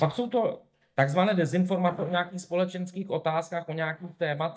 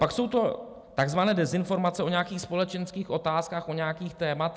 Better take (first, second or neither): second